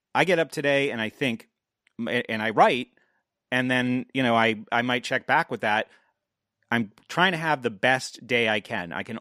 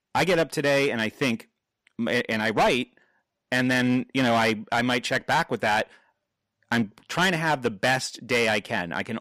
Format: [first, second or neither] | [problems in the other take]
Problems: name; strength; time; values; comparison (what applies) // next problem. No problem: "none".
first | distortion; heavy; 8% of the sound clipped